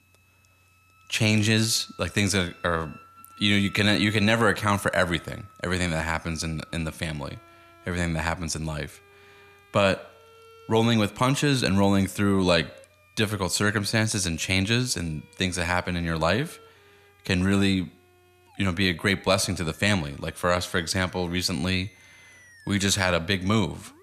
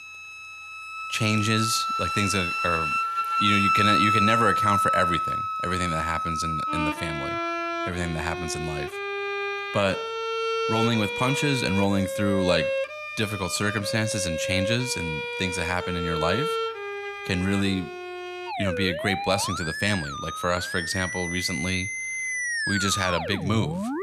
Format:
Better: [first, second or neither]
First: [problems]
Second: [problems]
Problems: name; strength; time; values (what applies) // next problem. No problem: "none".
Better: first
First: background music; faint; throughout; 25 dB below the speech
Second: background music; loud; throughout; 1 dB below the speech